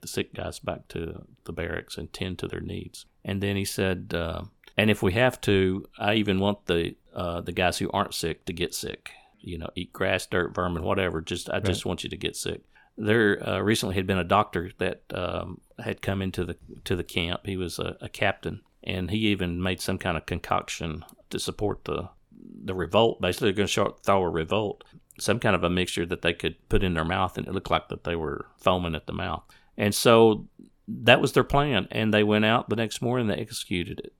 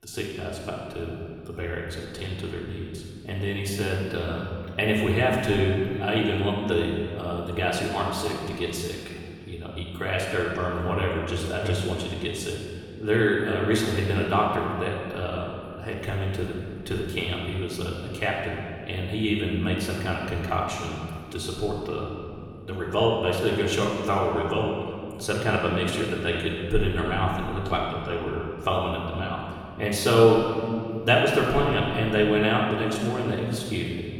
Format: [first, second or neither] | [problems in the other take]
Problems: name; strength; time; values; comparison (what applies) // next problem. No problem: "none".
first | room echo; noticeable; dies away in 2.1 s // off-mic speech; far